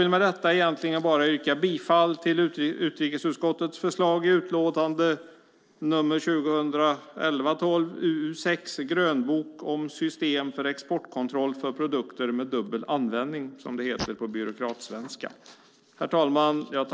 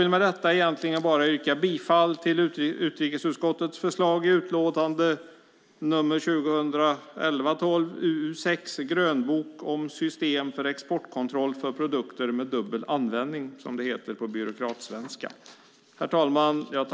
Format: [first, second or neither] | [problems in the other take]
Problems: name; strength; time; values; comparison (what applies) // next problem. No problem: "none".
second | noise reduction (neural separator model SepFormer DNS4)